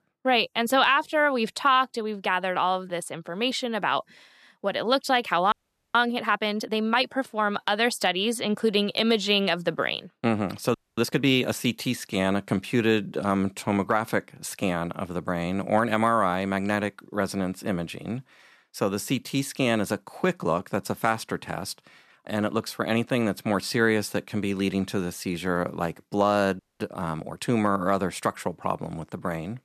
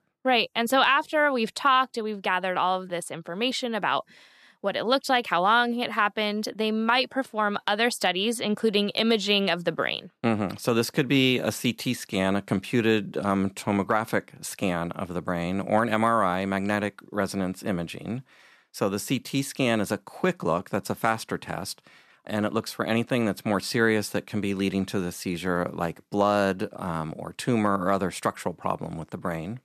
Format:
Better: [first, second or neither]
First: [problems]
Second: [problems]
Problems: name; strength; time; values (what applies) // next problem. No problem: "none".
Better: second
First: audio freezing; at 5.5 s, at 11 s and at 27 s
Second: none